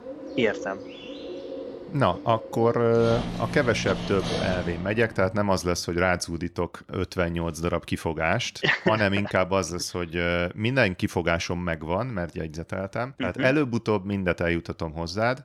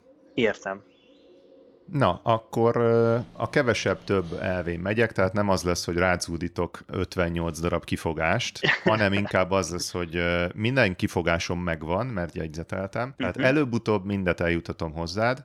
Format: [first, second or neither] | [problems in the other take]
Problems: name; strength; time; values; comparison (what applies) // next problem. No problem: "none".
second | animal sounds; loud; until 4.5 s; 9 dB below the speech; faint in the second